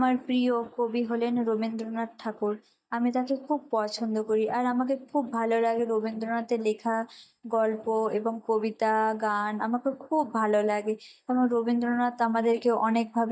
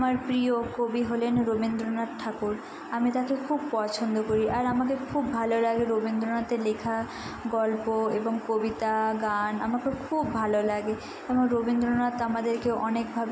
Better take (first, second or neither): second